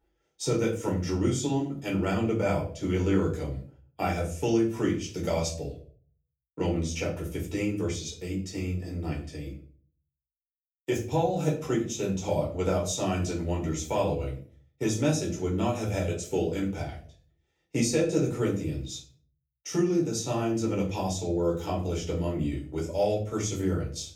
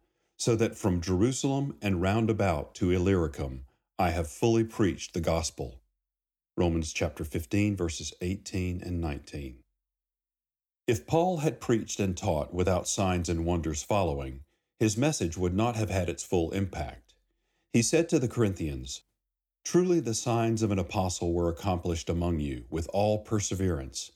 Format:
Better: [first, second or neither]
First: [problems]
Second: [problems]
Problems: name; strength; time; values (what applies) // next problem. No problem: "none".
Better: second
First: room echo; slight; dies away in 0.4 s // off-mic speech; far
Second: none